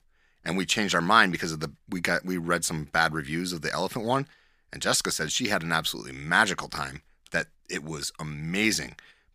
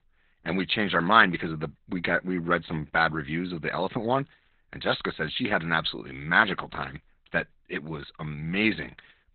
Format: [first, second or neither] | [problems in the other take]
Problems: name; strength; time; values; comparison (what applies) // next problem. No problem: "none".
first | garbled, watery; badly; nothing above 4 kHz